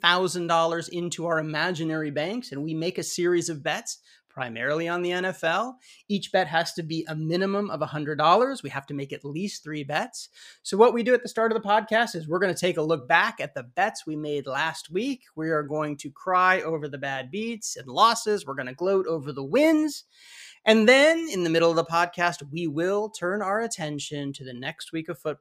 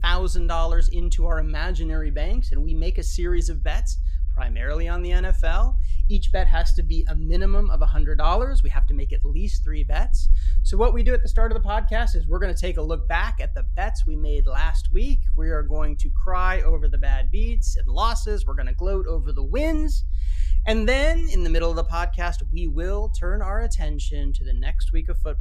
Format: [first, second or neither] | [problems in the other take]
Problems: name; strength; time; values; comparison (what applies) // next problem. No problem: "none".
first | low rumble; faint; throughout; 20 dB below the speech